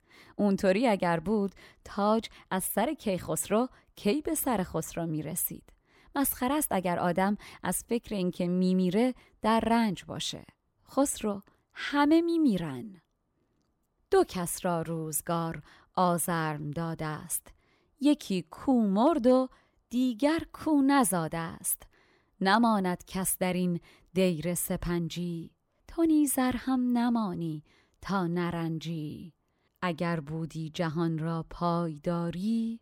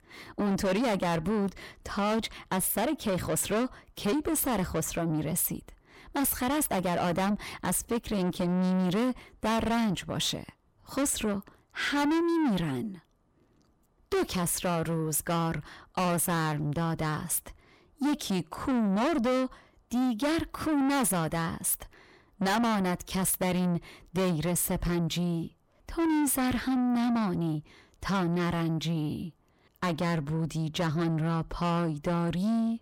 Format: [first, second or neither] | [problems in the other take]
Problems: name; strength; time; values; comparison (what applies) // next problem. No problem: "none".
first | distortion; heavy; 6 dB below the speech